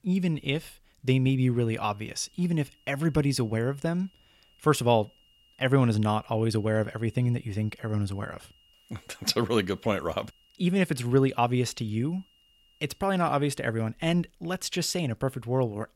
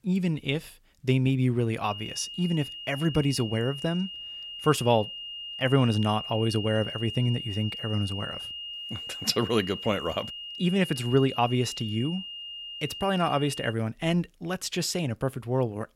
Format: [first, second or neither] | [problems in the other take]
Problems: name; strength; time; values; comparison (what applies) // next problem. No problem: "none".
first | high-pitched whine; loud; from 2 to 14 s; 3 kHz, 8 dB below the speech; faint in the first